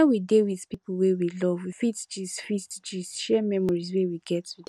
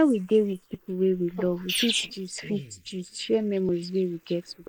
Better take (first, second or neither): first